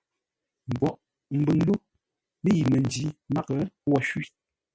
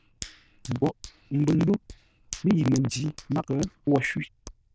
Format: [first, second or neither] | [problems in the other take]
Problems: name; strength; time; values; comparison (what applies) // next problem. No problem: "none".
first | noise reduction (neural diffusion model UNIVERSE++)